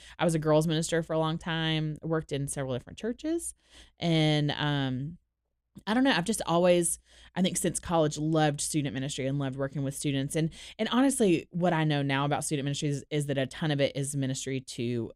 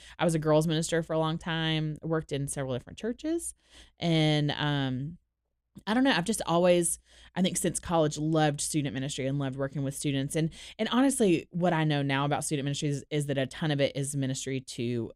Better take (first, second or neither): neither